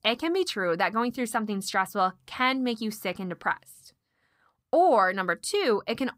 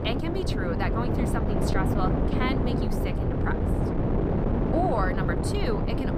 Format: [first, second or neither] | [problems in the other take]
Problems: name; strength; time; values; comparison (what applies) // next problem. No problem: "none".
first | wind noise on the microphone; heavy; as loud as the speech